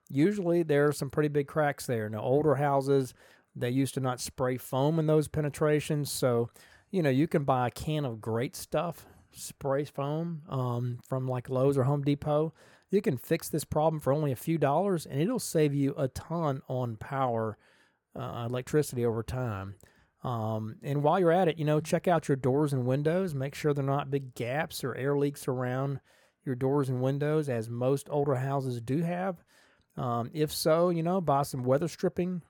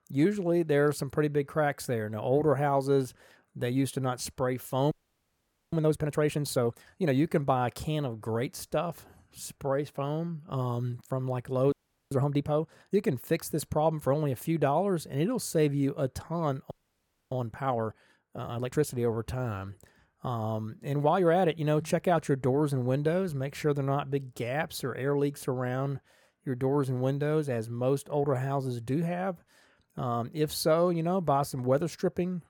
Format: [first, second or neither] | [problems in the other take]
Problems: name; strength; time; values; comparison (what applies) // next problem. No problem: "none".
first | audio freezing; at 5 s for 1 s, at 12 s and at 17 s for 0.5 s